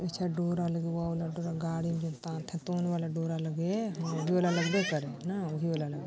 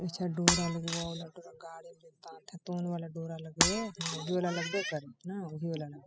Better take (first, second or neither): first